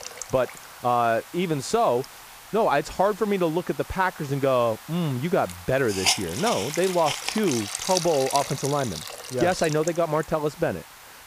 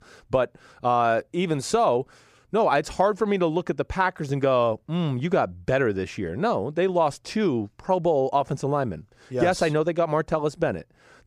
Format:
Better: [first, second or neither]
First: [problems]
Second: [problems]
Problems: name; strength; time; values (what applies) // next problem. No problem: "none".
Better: second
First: hiss; loud; throughout; 6 dB below the speech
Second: none